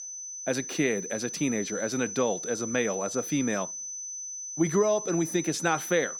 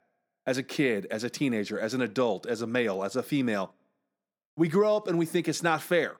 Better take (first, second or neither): second